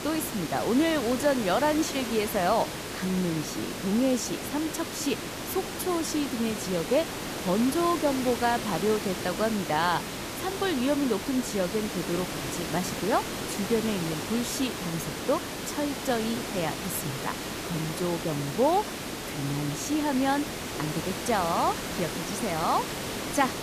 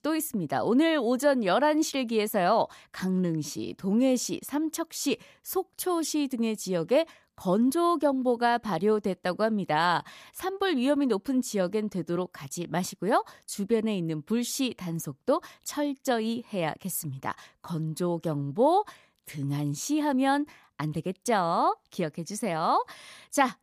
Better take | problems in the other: second | hiss; loud; throughout; 5 dB below the speech

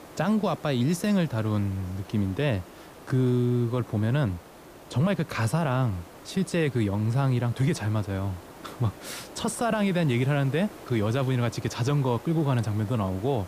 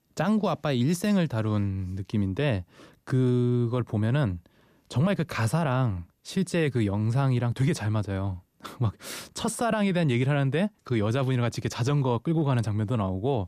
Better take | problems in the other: second | hiss; noticeable; throughout; 20 dB below the speech

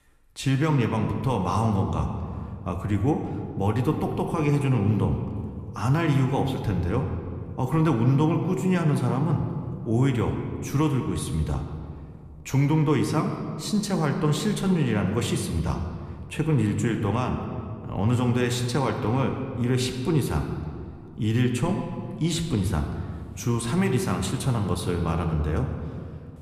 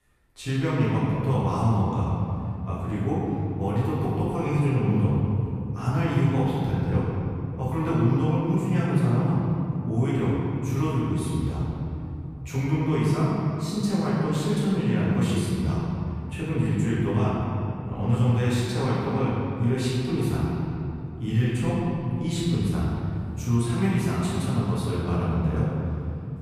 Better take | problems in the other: first | room echo; strong; dies away in 2.9 s; slight in the first // off-mic speech; far

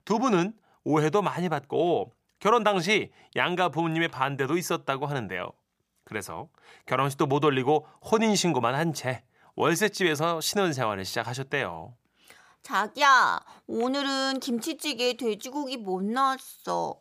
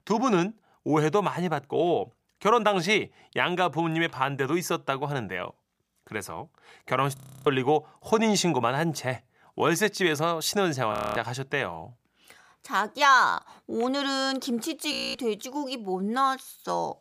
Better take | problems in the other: first | audio freezing; at 7 s, at 11 s and at 15 s

